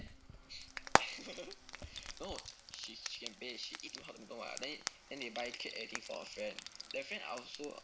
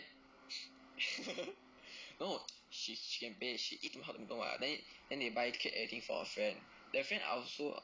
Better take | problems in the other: second | background sound (Frying (food)); 3 dB above the speech

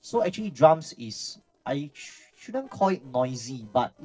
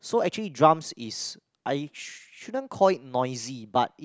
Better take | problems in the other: second | noise reduction (neural separator model SepFormer DNS4)

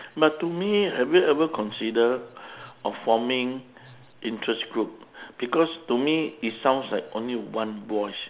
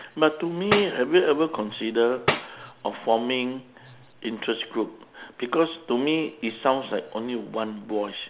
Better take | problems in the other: first | background sound (Tambourine); 6 dB below the speech

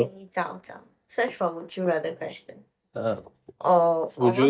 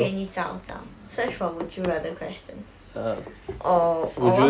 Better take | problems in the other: second | noise reduction (neural mask model DeepFilterNet 3)

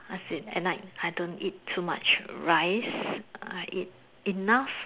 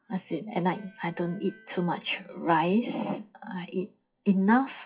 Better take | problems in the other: first | noise reduction (classical method WPE with log-MMSE)

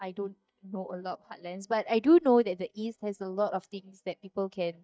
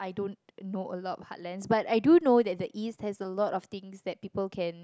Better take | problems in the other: second | noise reduction (neural mask model DeepFilterNet 3)

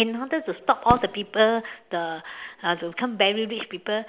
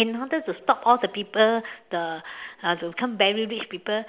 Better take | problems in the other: second | background sound (Fireworks); 12 dB below the speech

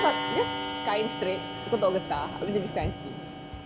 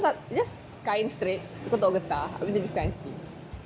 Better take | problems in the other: second | background sound (Clock); 5 dB below the speech

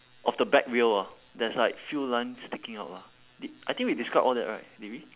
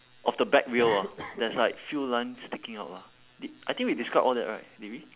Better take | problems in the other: first | background sound (Cough); 16 dB below the speech

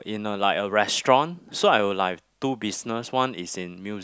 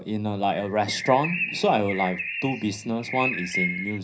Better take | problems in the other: first | background sound (Bird); 6 dB below the speech // room echo; dies away in 0.4 s

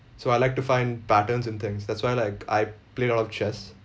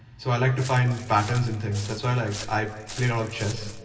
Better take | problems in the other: first | background sound (Walk, footsteps); 14 dB below the speech // room echo; dies away in 1.9 s

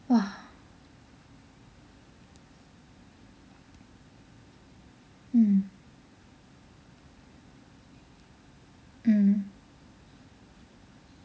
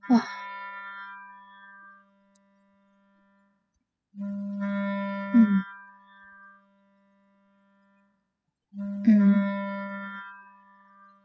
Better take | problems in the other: first | noise reduction (classical method spectral subtraction)

